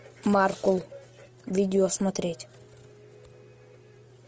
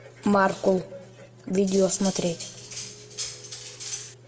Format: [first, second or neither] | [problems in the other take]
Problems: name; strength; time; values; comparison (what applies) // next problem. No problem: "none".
first | background sound (Cutlery, silverware); 11 dB below the speech // room echo; dies away in 0.7 s